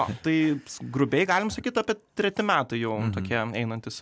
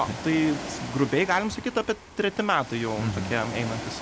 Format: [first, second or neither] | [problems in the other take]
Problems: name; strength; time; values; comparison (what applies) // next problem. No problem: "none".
first | background sound (Ocean); 11 dB below the speech